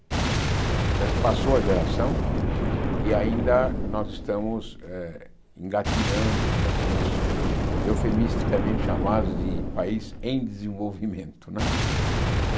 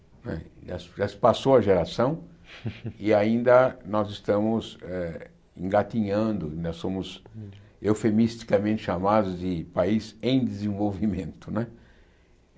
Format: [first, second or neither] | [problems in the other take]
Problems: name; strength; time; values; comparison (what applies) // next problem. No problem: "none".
second | background sound (Boom); 3 dB above the speech